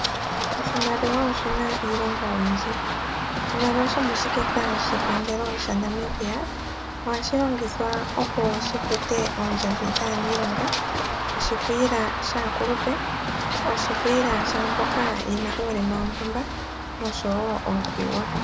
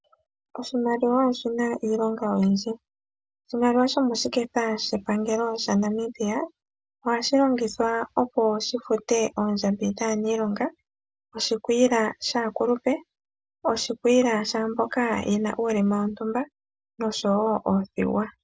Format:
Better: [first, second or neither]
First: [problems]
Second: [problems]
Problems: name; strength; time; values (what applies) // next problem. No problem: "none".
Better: second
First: background sound (Run); as loud as the speech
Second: none